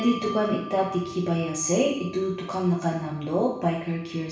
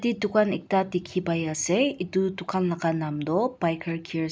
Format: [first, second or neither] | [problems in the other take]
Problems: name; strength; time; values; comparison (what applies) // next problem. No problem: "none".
second | background sound (Bell); 16 dB below the speech // room echo; dies away in 0.7 s